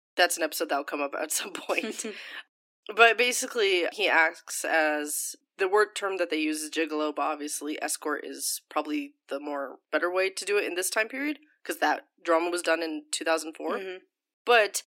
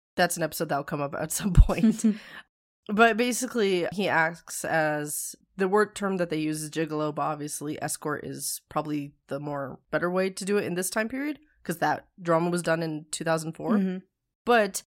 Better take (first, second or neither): second